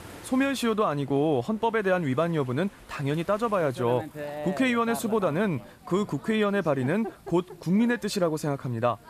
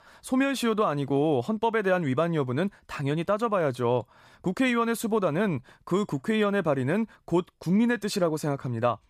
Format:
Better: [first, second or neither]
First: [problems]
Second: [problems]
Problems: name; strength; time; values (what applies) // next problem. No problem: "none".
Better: second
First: rain or running water; noticeable; throughout; 15 dB below the speech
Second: none